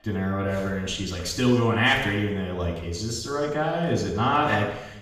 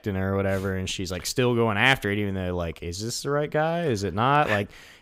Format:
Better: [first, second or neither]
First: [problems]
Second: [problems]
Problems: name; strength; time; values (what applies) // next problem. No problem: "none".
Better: second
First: room echo; noticeable; dies away in 0.9 s // off-mic speech; far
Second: none